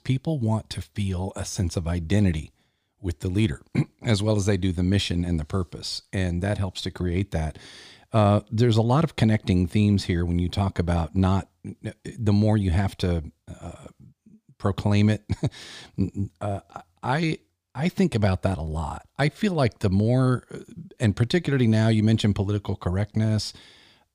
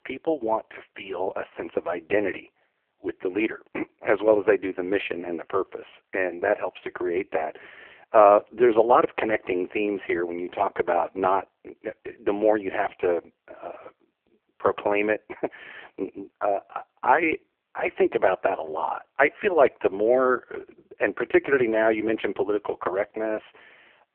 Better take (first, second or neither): first